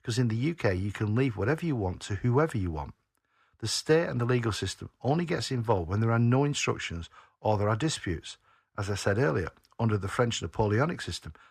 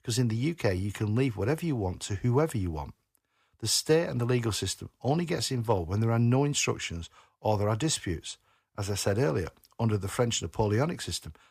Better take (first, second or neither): second